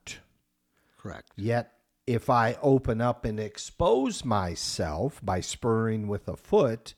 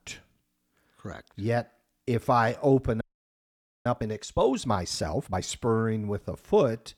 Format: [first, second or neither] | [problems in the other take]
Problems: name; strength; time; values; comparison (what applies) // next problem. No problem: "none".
first | audio freezing; at 3 s for 1 s